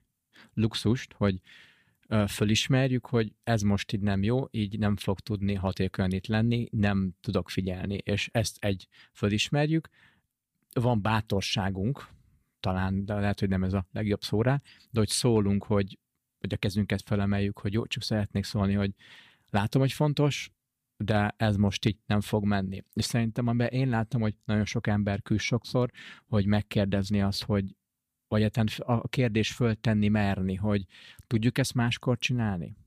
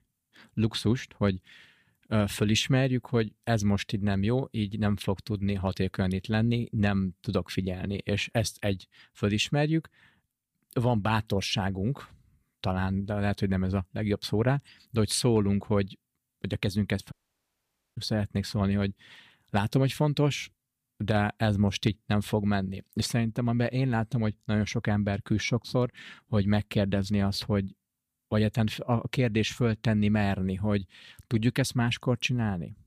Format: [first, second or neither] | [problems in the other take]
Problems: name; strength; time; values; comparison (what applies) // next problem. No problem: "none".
first | audio cutting out; at 17 s for 1 s